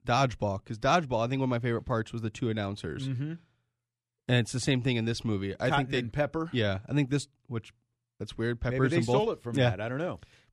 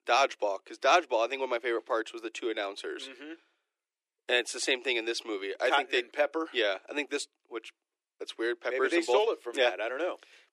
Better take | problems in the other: first | thin; very; fading below 350 Hz

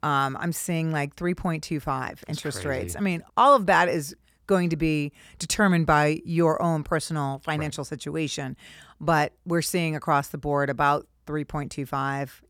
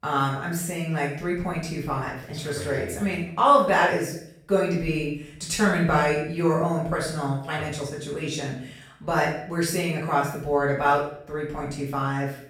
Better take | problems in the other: first | room echo; noticeable; dies away in 0.6 s // off-mic speech; far

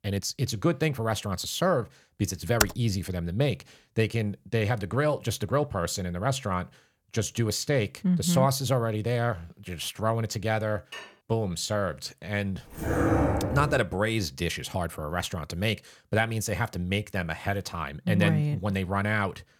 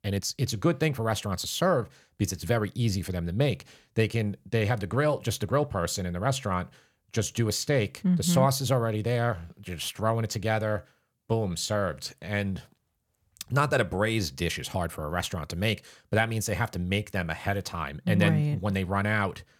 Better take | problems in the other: second | keyboard typing; very faint; at 2.5 s; peak 1 dB above the speech // clattering dishes; faint; at 11 s; peak 15 dB below the speech // dog barking; loud; from 13 to 14 s; peak 4 dB above the speech

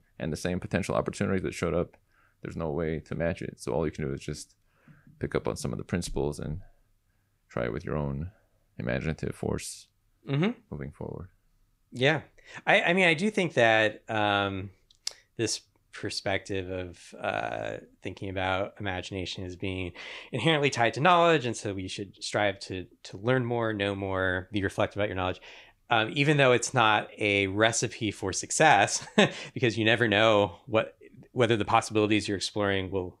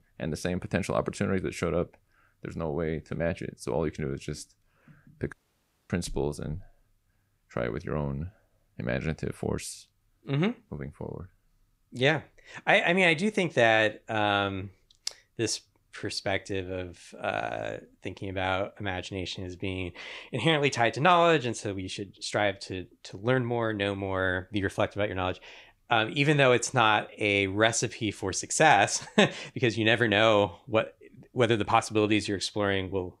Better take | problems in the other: first | audio cutting out; at 5.5 s for 0.5 s

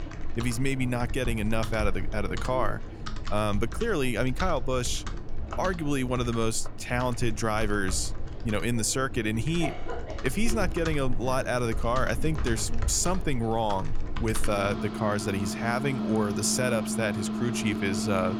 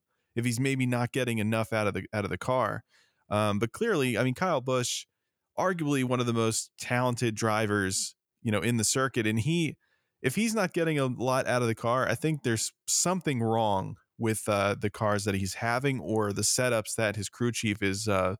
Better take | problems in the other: second | household noises; loud; throughout; 6 dB below the speech

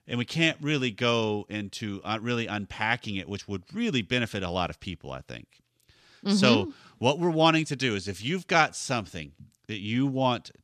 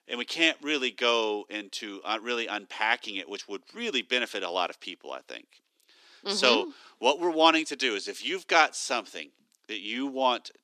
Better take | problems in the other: first | thin; somewhat; fading below 300 Hz

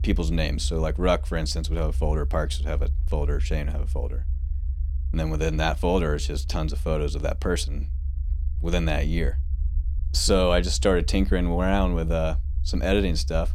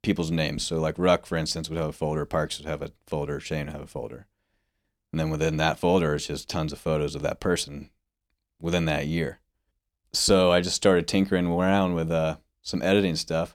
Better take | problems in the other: second | low rumble; faint; throughout; 20 dB below the speech

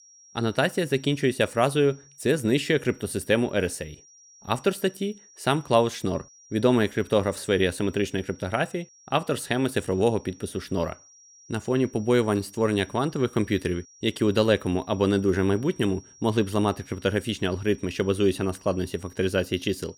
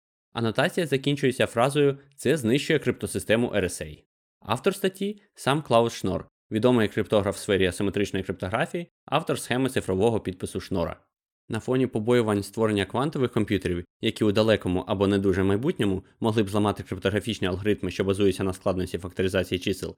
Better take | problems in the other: second | high-pitched whine; faint; throughout; 5.5 kHz, 25 dB below the speech

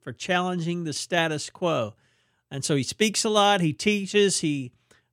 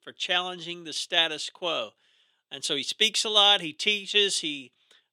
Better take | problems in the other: first | thin; somewhat; fading below 350 Hz

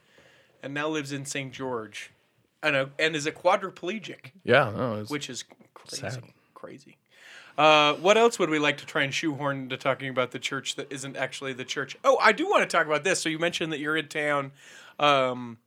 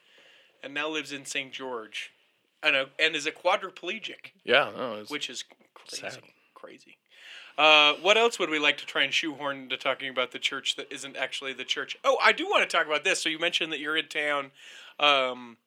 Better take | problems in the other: first | thin; very slightly; fading below 300 Hz

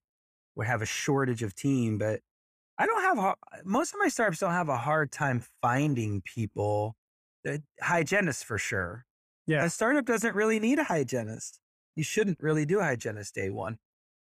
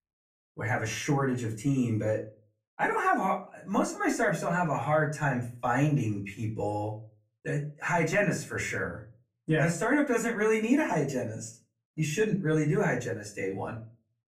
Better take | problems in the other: first | off-mic speech; far // room echo; very slight; dies away in 0.3 s

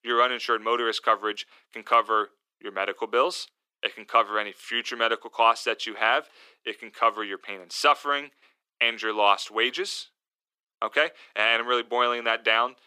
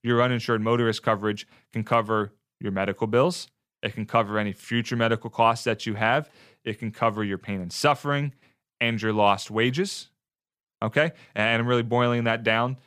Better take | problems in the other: second | thin; very; fading below 300 Hz

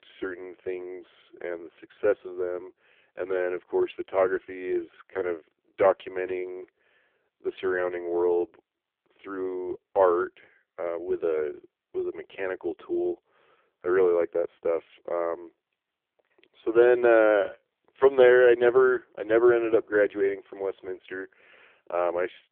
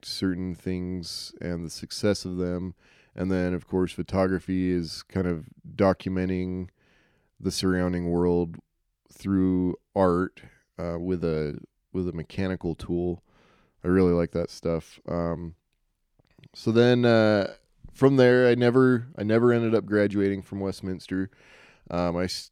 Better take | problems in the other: second | phone-call audio; poor line; nothing above 3.5 kHz

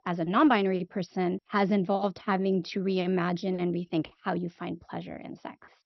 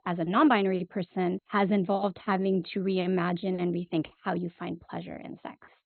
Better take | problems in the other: first | garbled, watery; badly; nothing above 4 kHz; slightly in the first

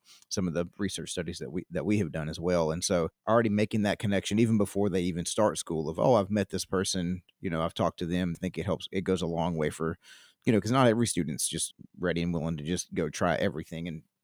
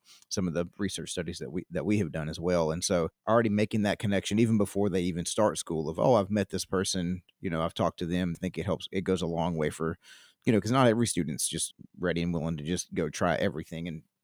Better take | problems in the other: neither | none

